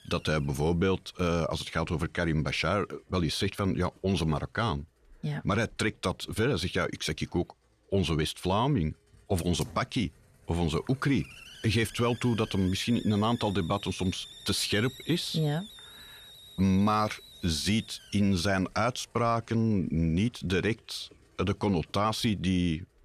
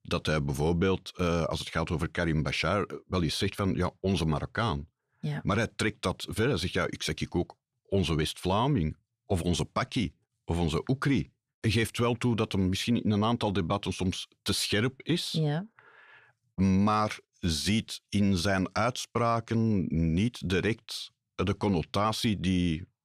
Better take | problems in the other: second | hiss; noticeable; throughout; 20 dB below the speech

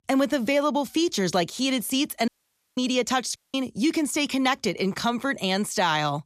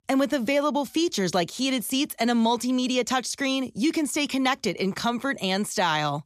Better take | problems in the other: second | audio cutting out; at 2.5 s and at 3.5 s

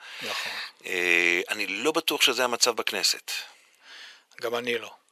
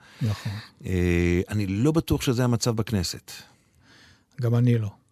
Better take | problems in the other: second | thin; very; fading below 500 Hz

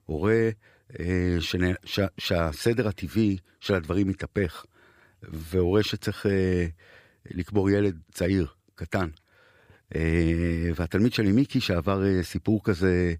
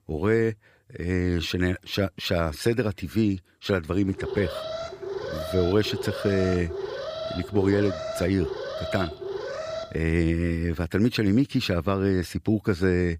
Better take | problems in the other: first | alarm; noticeable; from 4 to 10 s; peak 6 dB below the speech

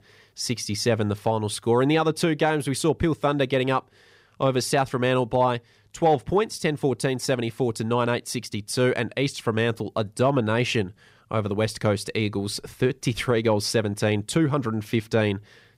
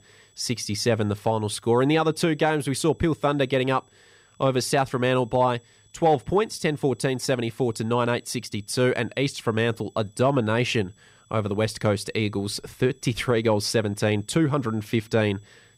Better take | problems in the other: first | high-pitched whine; faint; throughout; 8 kHz, 35 dB below the speech

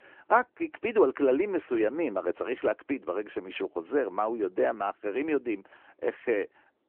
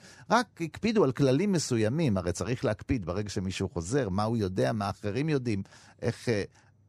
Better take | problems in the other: second | phone-call audio

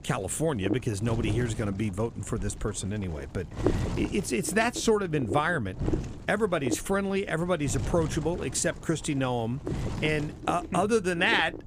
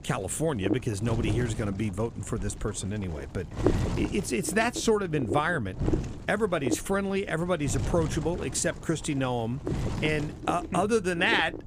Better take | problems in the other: first | wind noise on the microphone; heavy; 9 dB below the speech; occasional gusts in the first

